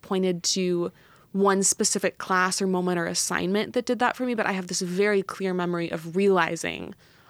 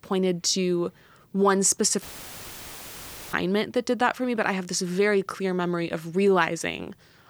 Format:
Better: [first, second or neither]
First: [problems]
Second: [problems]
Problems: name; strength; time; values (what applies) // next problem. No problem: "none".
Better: first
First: none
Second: audio cutting out; filled with static; at 2 s for 1.5 s